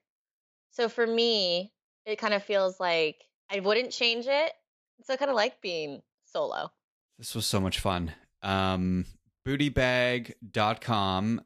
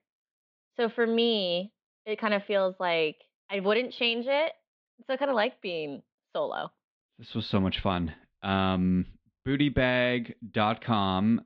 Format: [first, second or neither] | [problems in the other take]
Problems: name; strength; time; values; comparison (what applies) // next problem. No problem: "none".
first | muffled; slightly; fading above 3.5 kHz